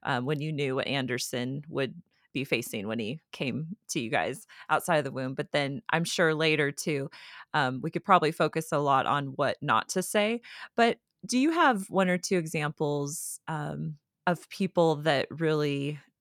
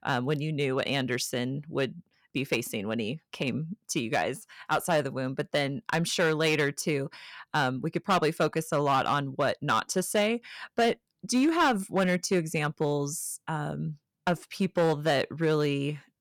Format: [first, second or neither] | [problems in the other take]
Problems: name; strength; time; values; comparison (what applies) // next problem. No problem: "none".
first | distortion; slight; 3% of the sound clipped